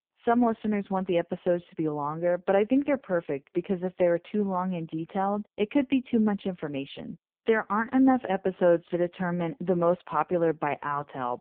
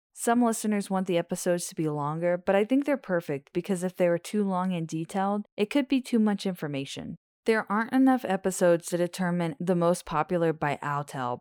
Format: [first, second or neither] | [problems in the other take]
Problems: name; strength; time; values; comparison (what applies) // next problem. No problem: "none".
second | phone-call audio; poor line